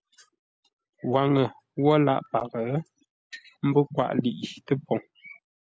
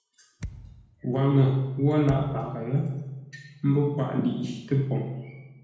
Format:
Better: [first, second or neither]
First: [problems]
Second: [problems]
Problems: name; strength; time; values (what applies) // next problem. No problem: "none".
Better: first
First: none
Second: background sound (Thump, thud); 16 dB below the speech // room echo; dies away in 1 s